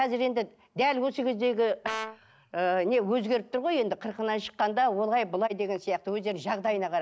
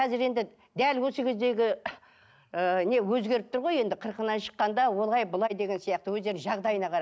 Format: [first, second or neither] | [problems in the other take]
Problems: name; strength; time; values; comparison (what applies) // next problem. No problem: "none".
second | background sound (Brass instrument); 11 dB below the speech